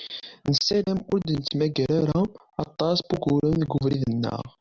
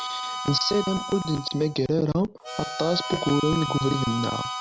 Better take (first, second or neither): first